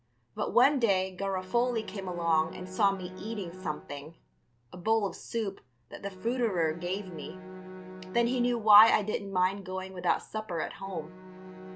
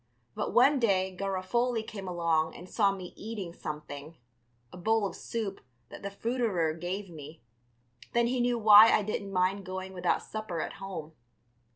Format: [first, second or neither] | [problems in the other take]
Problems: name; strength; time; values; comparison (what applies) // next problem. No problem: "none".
second | background sound (Bowed string instrument); 16 dB below the speech